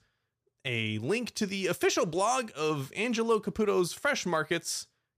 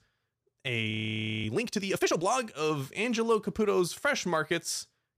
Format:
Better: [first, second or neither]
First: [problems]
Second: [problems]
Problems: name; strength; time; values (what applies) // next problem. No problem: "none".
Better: first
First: none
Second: audio freezing; at 1 s for 0.5 s